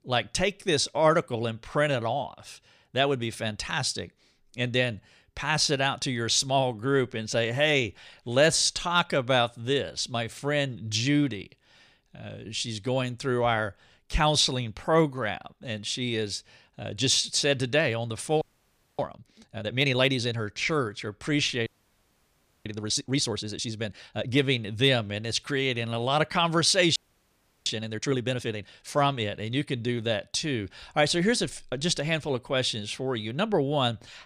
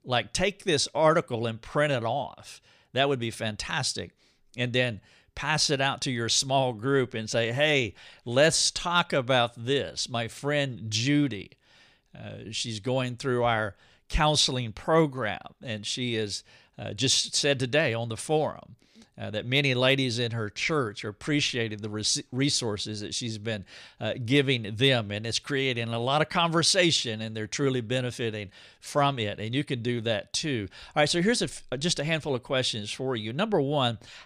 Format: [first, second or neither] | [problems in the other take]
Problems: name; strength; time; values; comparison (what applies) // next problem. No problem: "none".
second | audio freezing; at 18 s for 0.5 s, at 22 s for 1 s and at 27 s for 0.5 s